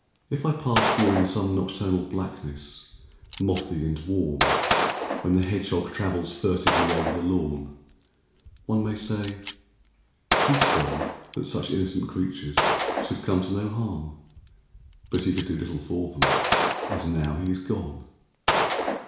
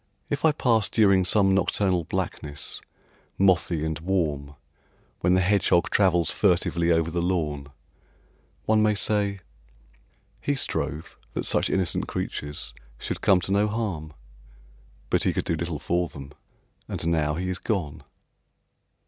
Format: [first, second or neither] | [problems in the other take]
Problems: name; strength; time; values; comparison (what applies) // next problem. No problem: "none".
second | background sound (Gunshot, gunfire); 1 dB below the speech // room echo; dies away in 0.7 s